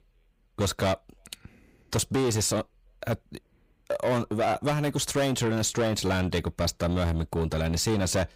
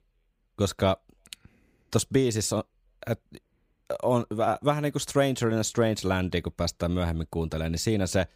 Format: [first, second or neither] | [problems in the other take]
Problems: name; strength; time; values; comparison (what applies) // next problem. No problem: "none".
second | distortion; heavy; 7 dB below the speech